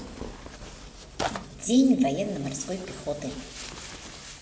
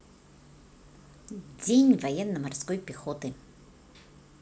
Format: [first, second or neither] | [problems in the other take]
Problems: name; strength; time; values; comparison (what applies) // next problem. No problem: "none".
second | background sound (Tearing); 11 dB below the speech // room echo; dies away in 2.4 s